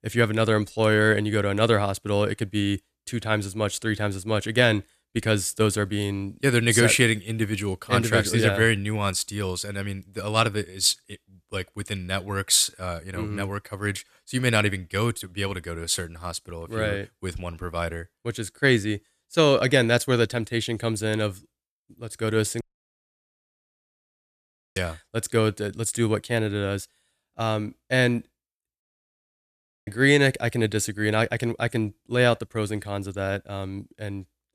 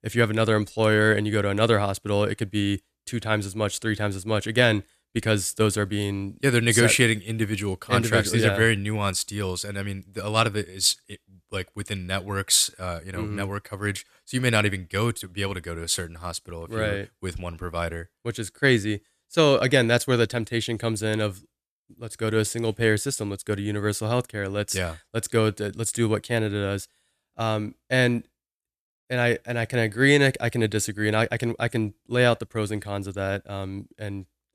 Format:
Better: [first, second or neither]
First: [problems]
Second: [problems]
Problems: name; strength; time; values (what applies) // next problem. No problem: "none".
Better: second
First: audio cutting out; at 23 s for 2 s and at 29 s for 1 s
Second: none